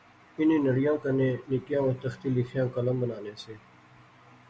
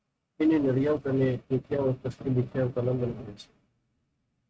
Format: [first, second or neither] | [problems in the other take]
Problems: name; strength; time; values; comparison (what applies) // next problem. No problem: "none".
first | noise reduction (neural mask model RNNoise)